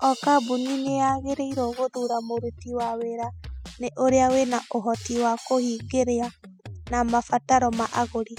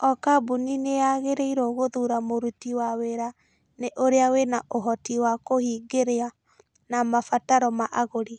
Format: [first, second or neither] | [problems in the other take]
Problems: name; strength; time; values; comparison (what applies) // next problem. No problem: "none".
second | noise reduction (classical method spectral subtraction)